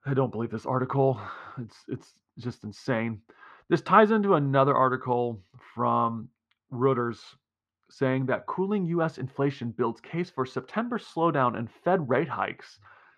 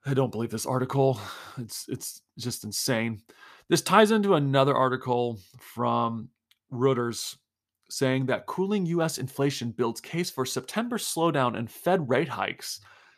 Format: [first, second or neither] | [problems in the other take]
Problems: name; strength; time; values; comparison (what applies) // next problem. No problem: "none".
second | muffled; very; fading above 2 kHz